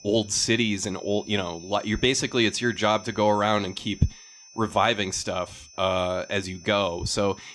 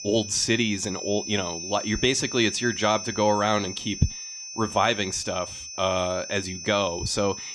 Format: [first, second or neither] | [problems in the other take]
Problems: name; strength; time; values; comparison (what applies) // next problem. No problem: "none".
first | high-pitched whine; loud; throughout; 6 kHz, 9 dB below the speech; faint in the first